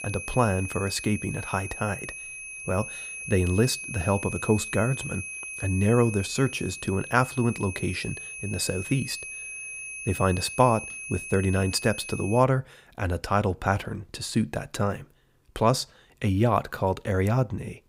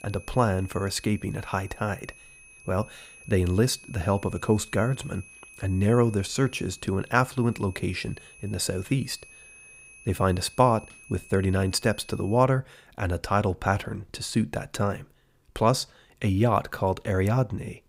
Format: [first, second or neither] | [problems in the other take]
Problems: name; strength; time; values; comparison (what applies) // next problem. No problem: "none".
second | high-pitched whine; loud; until 12 s; 2.5 kHz, 9 dB below the speech; faint in the second